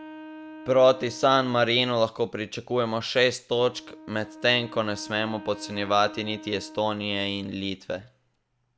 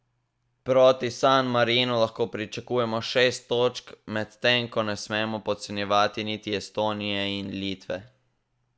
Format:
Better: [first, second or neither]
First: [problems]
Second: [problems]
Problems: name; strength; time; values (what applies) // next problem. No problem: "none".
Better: second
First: background sound (Wind instrument, woodwind instrument); 19 dB below the speech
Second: none